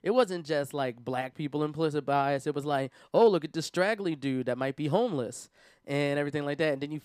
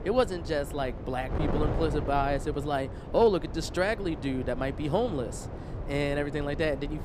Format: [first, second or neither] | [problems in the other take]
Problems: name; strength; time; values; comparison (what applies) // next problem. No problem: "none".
first | wind noise on the microphone; occasional gusts; 10 dB below the speech